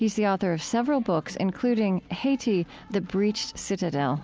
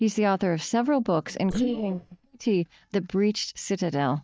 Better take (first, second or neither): first